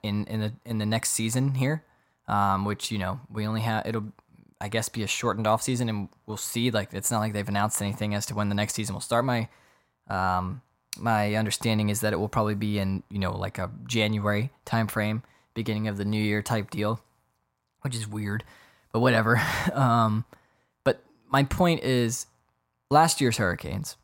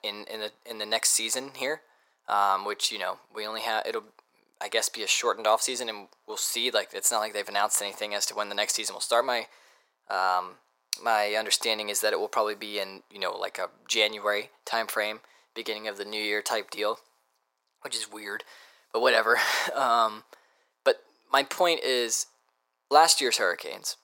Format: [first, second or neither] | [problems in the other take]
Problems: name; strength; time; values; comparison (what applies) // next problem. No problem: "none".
first | thin; very; fading below 400 Hz